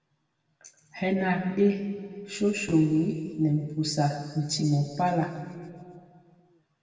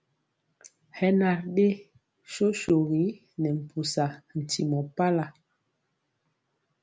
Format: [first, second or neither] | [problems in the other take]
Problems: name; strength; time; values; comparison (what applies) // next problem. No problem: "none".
second | room echo; dies away in 2 s